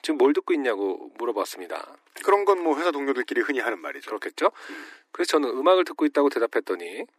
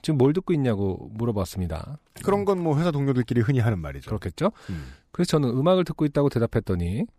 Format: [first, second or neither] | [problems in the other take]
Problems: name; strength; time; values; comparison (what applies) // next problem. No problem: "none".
second | thin; somewhat; fading below 300 Hz